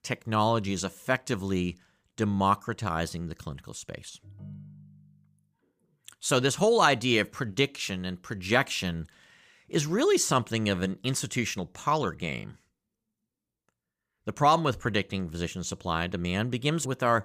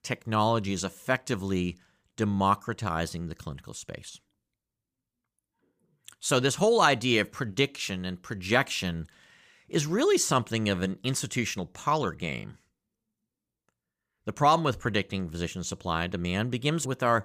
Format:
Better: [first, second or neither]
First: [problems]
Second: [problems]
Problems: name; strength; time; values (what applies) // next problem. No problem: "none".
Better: second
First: phone ringing; faint; from 4 to 5 s; peak 15 dB below the speech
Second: none